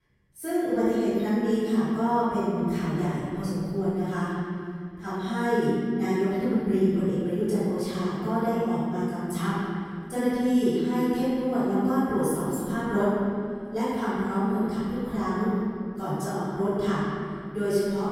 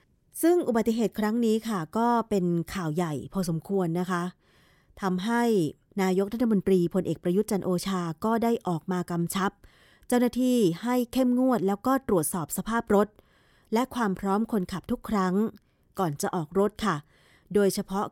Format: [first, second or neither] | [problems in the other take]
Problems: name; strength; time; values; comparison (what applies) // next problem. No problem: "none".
second | off-mic speech; far // room echo; strong; dies away in 2.3 s